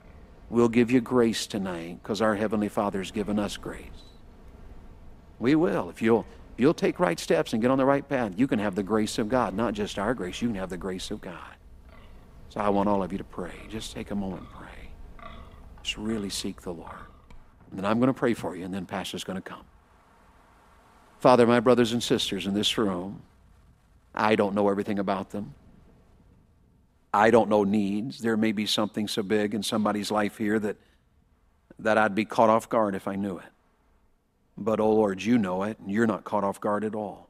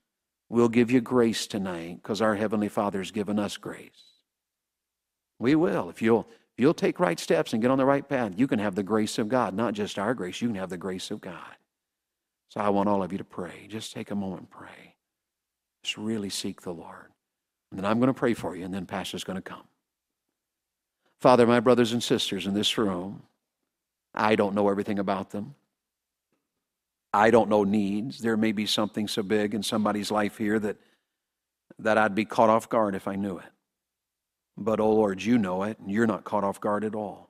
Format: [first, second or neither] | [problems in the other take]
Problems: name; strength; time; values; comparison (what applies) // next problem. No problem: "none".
second | wind in the background; faint; throughout; 25 dB below the speech